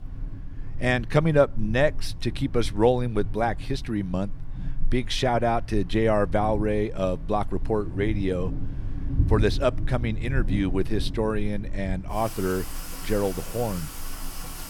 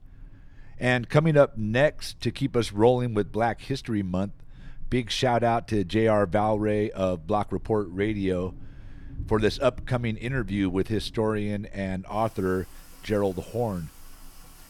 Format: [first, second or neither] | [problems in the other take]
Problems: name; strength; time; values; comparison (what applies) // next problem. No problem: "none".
second | rain or running water; loud; throughout; 8 dB below the speech; faint in the second